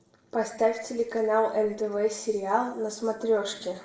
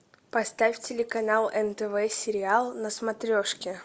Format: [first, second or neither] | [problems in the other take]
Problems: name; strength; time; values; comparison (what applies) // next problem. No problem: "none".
second | room echo; dies away in 0.6 s